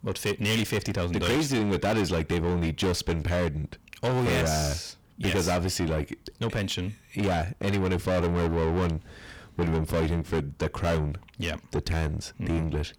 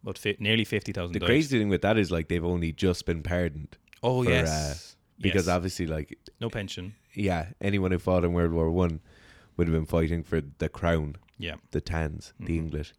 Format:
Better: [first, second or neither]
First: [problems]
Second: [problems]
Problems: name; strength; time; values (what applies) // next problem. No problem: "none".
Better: second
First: distortion; heavy; 6 dB below the speech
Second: none